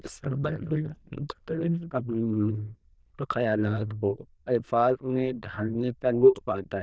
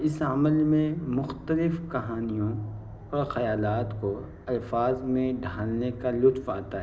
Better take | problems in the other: second | noise reduction (neural diffusion model UNIVERSE++)

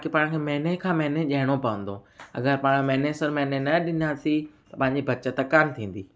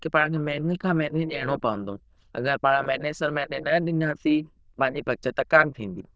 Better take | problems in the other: first | noise reduction (neural diffusion model UNIVERSE++)

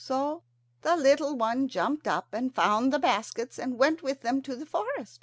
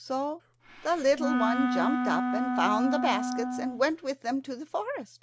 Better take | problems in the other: first | background sound (Wind instrument, woodwind instrument); as loud as the speech

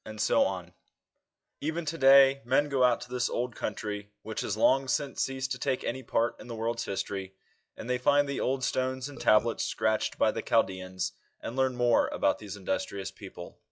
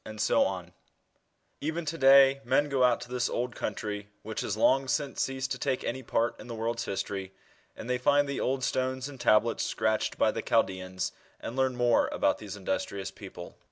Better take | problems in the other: second | noise reduction (classical method log-MMSE)

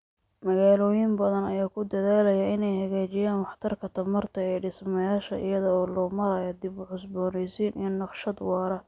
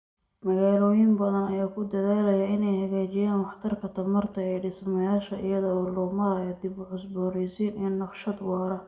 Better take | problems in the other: first | room echo; dies away in 0.8 s

